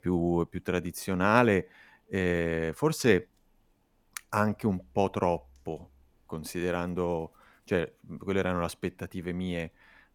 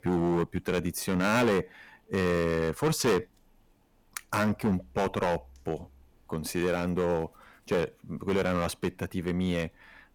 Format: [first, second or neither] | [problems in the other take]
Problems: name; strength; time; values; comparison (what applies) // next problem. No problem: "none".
first | distortion; heavy; 7% of the sound clipped